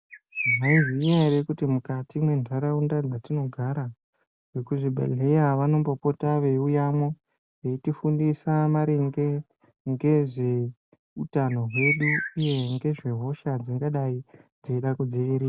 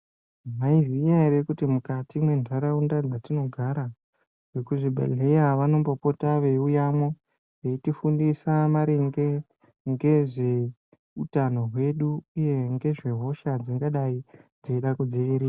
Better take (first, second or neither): second